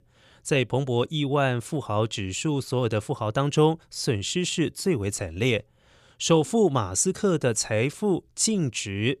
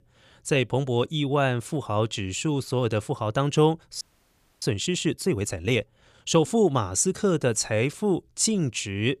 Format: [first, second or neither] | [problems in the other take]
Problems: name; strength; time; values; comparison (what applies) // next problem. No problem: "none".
first | audio freezing; at 4 s for 0.5 s